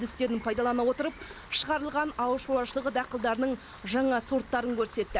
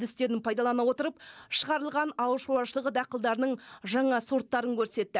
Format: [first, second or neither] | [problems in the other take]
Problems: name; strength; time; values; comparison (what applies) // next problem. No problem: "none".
second | background sound (Rain); 17 dB below the speech